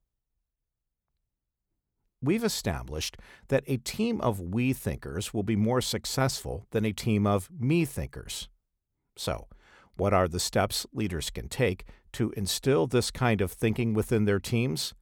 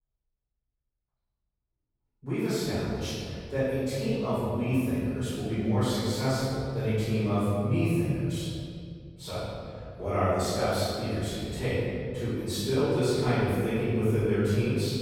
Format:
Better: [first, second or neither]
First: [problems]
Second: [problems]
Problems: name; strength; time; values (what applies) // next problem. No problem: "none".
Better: first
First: none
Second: off-mic speech; far // room echo; strong; dies away in 2.3 s